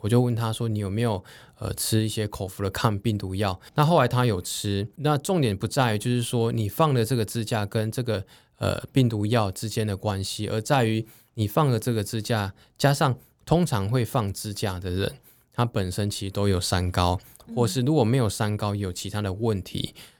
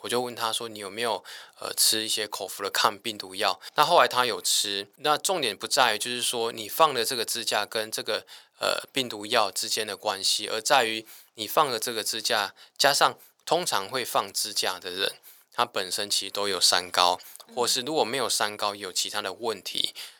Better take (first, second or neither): first